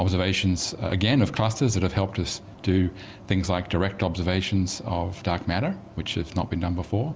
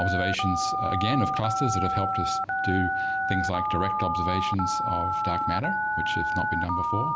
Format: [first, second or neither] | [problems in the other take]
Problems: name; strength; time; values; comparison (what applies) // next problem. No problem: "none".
first | background sound (Telephone); 3 dB above the speech